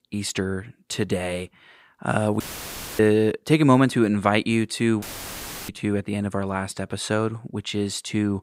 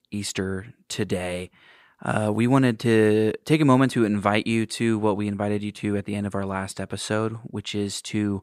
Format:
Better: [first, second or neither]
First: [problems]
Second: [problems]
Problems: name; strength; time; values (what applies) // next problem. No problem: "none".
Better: second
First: audio cutting out; filled with static; at 2.5 s for 0.5 s and at 5 s for 0.5 s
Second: none